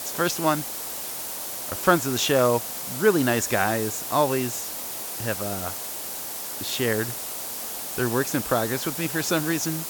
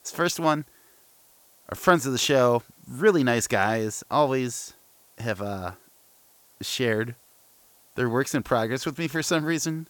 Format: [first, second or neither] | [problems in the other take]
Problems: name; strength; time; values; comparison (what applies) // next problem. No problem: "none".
second | hiss; loud; throughout; 5 dB below the speech; faint in the second